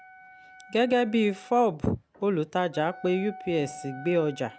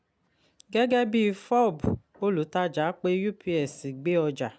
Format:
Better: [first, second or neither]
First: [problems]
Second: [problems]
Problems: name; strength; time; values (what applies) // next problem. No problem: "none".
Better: second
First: background sound (Wind instrument, woodwind instrument); 19 dB below the speech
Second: none